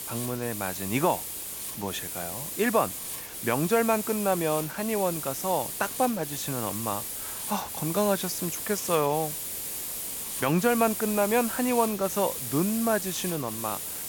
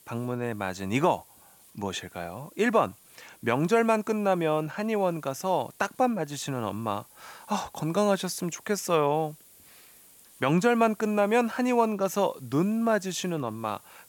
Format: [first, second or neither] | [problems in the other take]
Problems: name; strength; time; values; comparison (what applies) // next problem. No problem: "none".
second | hiss; loud; throughout; 4 dB below the speech; faint in the second